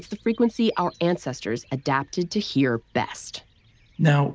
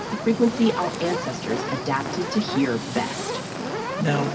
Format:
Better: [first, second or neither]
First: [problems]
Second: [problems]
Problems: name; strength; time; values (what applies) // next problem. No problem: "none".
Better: first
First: none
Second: background sound (Fire); 4 dB below the speech // room echo; dies away in 1.7 s